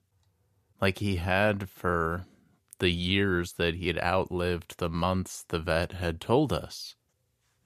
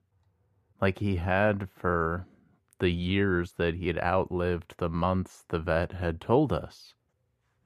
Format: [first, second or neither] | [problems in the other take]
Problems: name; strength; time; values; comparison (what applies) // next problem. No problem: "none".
first | muffled; slightly; fading above 3 kHz